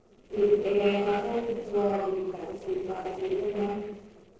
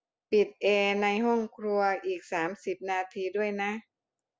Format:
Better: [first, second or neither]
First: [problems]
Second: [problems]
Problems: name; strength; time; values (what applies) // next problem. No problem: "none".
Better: second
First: noise reduction (neural separator model SepFormer DNS4)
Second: none